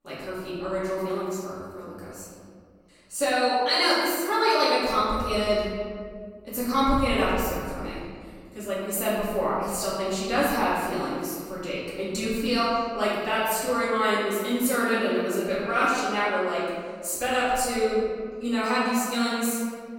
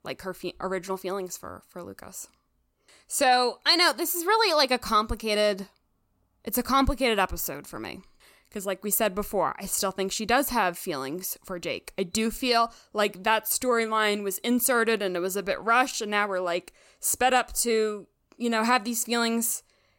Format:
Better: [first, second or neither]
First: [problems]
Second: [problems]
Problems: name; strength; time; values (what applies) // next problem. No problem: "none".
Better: second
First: room echo; strong; dies away in 2 s // off-mic speech; far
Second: none